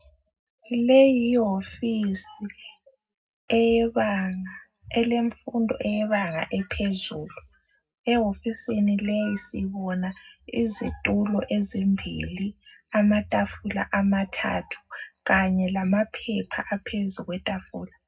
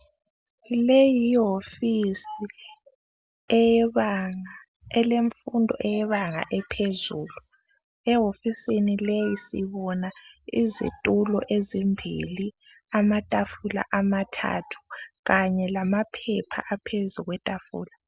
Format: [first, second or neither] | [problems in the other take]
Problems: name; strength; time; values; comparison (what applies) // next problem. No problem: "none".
second | room echo; dies away in 0.3 s